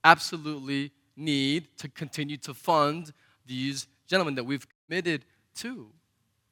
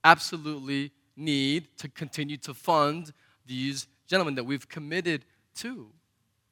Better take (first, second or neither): second